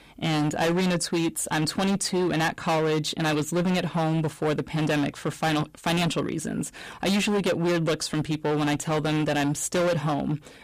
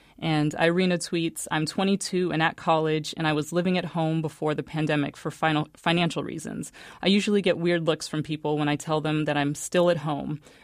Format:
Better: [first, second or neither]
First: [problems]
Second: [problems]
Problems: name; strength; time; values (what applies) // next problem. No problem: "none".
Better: second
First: distortion; heavy; 21% of the sound clipped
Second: none